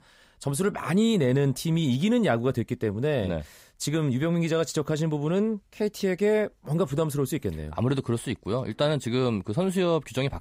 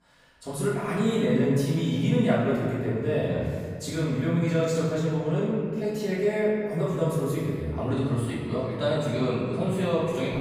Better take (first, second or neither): first